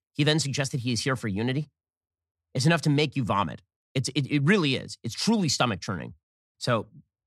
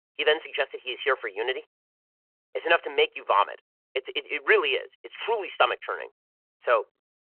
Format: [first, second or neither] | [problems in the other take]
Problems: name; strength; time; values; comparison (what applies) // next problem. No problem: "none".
first | phone-call audio; nothing above 3 kHz